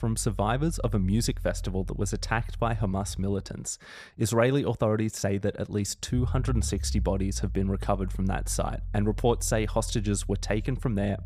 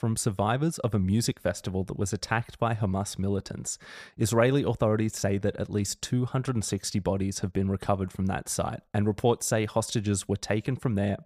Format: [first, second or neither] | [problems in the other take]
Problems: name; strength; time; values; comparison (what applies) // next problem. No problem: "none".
second | low rumble; faint; throughout; 25 dB below the speech